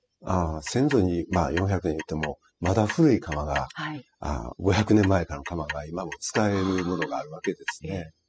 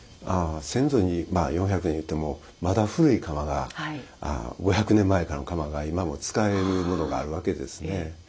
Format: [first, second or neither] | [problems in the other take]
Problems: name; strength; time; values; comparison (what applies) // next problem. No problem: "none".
second | noise reduction (classical method spectral subtraction)